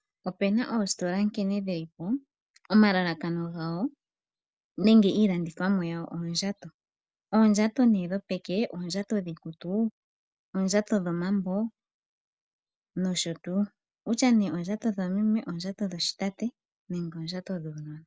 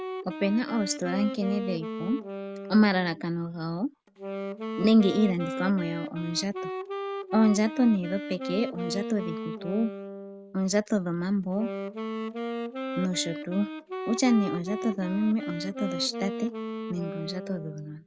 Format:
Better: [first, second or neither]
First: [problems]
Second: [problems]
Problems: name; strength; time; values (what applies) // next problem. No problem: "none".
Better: first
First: none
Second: background sound (Wind instrument, woodwind instrument); 7 dB below the speech